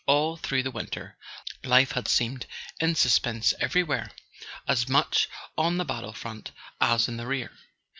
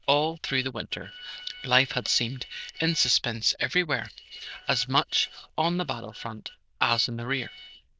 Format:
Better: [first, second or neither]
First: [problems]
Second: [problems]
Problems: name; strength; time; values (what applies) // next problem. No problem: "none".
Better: first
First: none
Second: noise reduction (neural diffusion model UNIVERSE++)